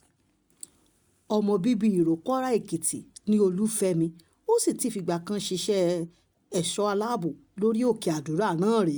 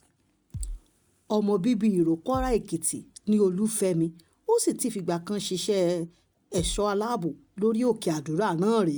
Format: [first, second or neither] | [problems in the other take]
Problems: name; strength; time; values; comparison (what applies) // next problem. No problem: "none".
first | background sound (Bass drum); 10 dB below the speech